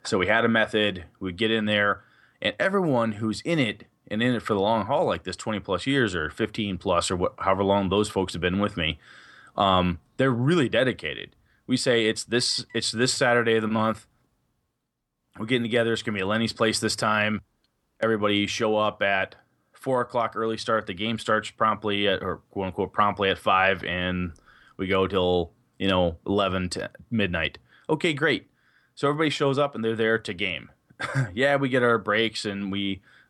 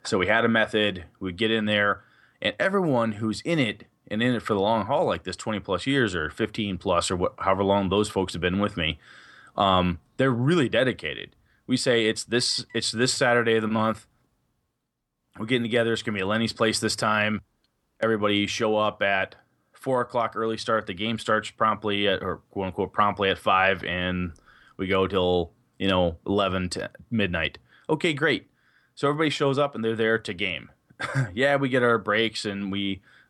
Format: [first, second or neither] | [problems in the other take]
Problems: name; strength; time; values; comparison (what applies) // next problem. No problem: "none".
neither | none